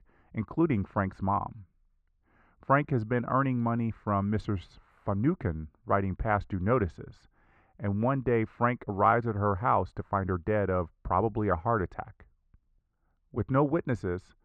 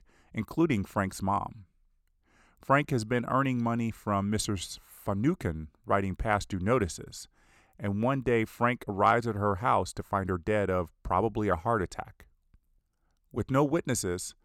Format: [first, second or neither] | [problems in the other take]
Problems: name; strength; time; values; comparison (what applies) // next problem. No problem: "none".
second | muffled; very; fading above 1.5 kHz